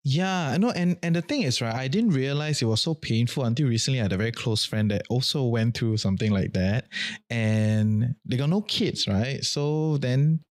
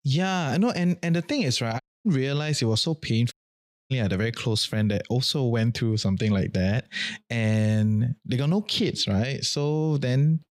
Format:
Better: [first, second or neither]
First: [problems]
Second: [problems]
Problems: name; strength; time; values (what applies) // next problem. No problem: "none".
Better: first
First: none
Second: audio cutting out; at 2 s and at 3.5 s for 0.5 s